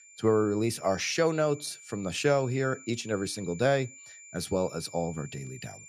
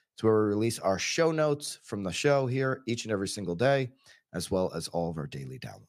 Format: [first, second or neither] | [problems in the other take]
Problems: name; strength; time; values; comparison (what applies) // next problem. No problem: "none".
second | high-pitched whine; noticeable; throughout; 2.5 kHz, 20 dB below the speech